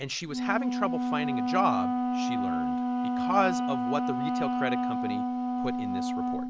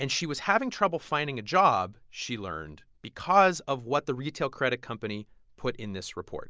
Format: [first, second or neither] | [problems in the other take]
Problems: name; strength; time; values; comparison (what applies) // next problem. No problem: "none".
second | background sound (Wind instrument, woodwind instrument); 4 dB above the speech